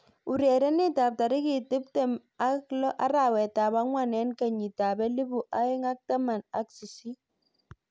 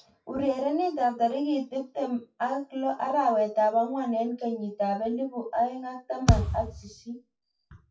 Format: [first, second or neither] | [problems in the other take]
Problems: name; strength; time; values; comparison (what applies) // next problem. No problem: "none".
first | noise reduction (classical method WPE with log-MMSE)